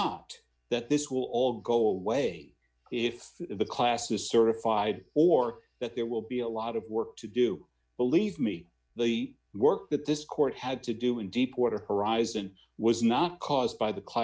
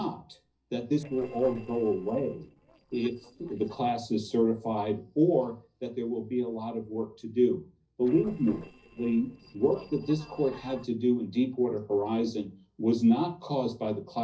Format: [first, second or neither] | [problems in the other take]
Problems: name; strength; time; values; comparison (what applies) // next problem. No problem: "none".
first | noise reduction (neural separator model SepFormer DNS4)